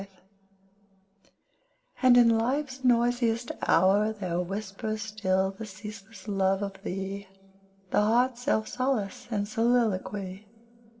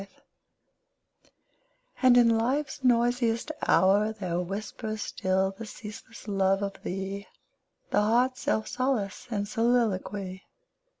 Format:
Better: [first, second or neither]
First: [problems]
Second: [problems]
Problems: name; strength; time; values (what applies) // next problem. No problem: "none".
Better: second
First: room echo; dies away in 2.1 s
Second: none